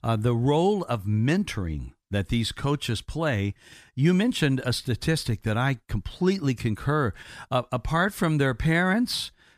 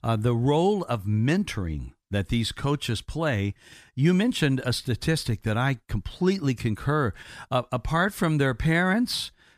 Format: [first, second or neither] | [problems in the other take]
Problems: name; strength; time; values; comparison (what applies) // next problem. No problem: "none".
neither | none